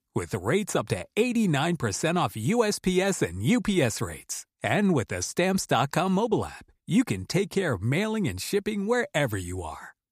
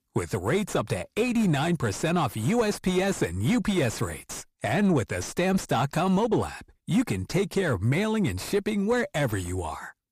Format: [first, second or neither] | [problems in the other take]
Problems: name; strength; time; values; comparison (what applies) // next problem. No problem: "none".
first | distortion; slight; 10 dB below the speech